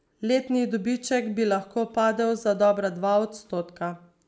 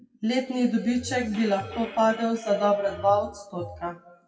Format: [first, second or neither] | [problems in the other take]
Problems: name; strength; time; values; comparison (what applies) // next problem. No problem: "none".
first | noise reduction (classical method WPE with log-MMSE)